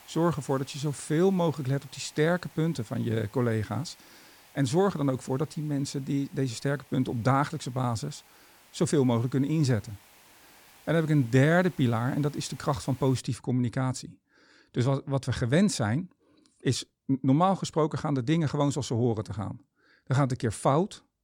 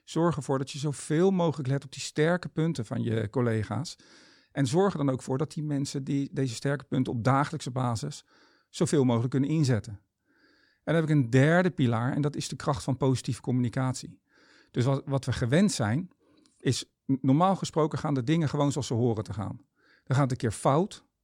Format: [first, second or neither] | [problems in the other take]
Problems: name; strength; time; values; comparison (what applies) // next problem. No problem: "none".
second | hiss; faint; until 13 s; 25 dB below the speech